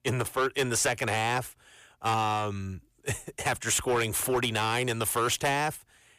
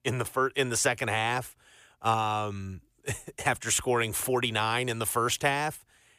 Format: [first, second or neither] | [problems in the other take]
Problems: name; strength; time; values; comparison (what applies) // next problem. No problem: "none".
second | distortion; slight; 7% of the sound clipped